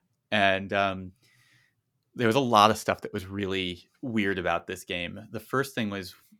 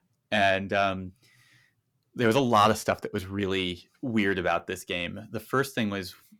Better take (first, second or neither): first